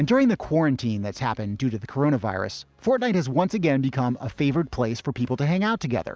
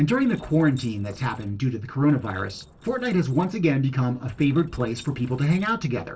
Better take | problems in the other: first | noise reduction (neural separator model SepFormer DNS4)

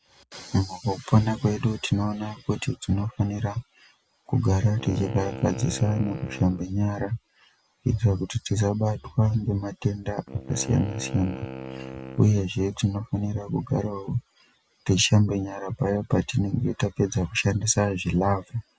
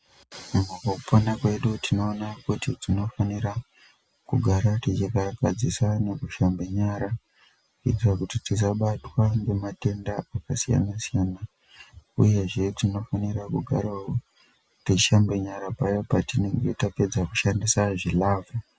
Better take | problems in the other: second | background sound (Wind instrument, woodwind instrument); 14 dB below the speech

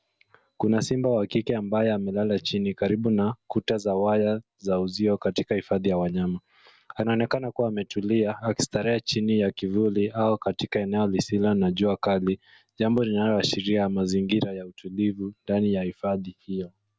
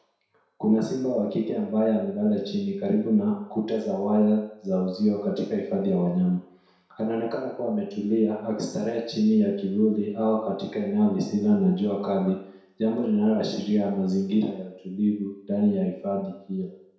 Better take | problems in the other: first | room echo; dies away in 0.7 s

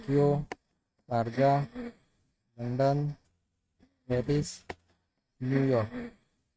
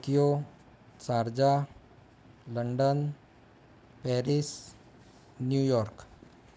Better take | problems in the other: second | noise reduction (neural mask model RNNoise)

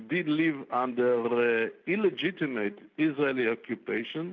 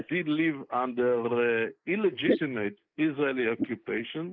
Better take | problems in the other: first | noise reduction (neural mask model Resemble Enhance denoiser)

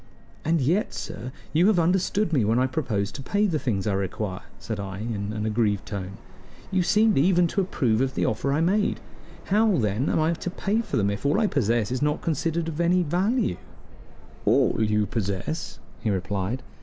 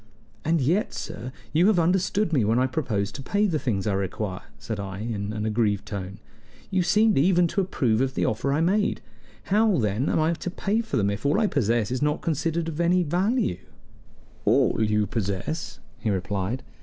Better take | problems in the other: second | background sound (Subway, metro, underground); 19 dB below the speech

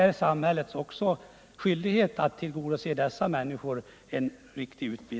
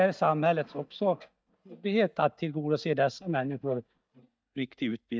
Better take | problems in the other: first | noise reduction (neural mask model DeepFilterNet 3)

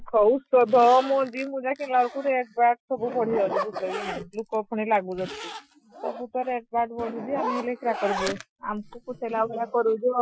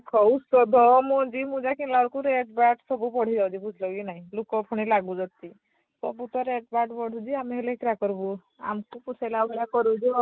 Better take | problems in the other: second | noise reduction (classical method Wiener filter)

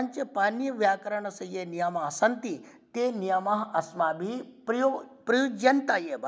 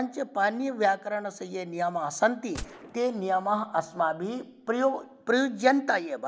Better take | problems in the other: first | background sound (Gunshot, gunfire); 19 dB below the speech

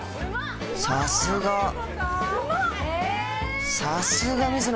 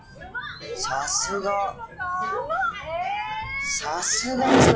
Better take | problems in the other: first | noise reduction (classical method log-MMSE)

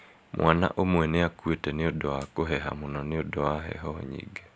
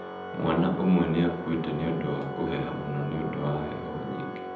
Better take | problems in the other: first | background sound (Organ); 9 dB below the speech // room echo; dies away in 0.8 s

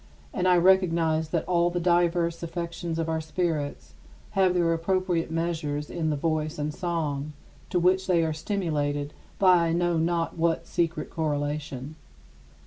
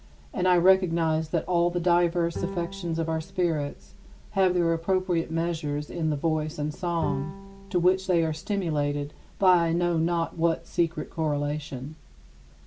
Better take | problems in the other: first | background sound (Bowed string instrument); 16 dB below the speech

